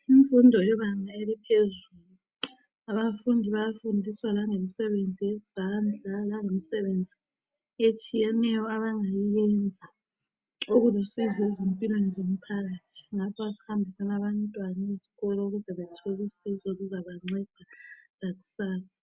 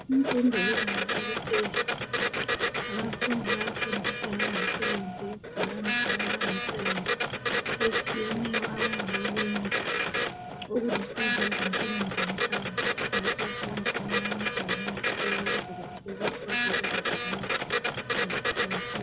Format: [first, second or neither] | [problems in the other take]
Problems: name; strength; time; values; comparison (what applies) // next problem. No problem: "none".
first | background sound (Printer); 4 dB above the speech